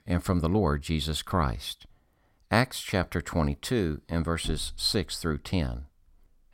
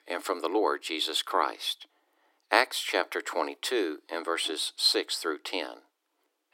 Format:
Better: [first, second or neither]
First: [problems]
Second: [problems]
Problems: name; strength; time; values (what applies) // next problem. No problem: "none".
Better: first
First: none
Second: thin; very; fading below 300 Hz